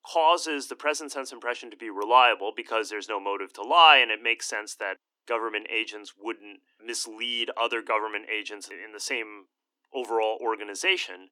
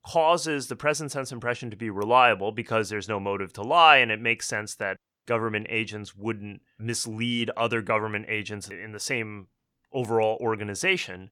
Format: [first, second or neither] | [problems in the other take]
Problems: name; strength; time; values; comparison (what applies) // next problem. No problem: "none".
second | thin; somewhat; fading below 250 Hz